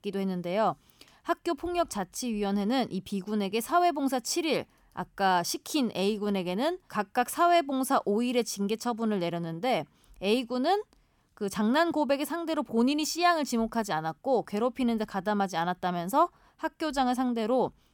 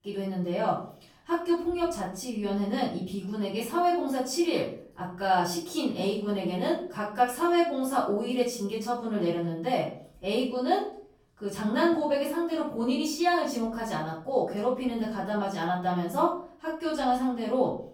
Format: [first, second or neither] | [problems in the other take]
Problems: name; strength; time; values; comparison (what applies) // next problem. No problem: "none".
first | off-mic speech; far // room echo; noticeable; dies away in 0.4 s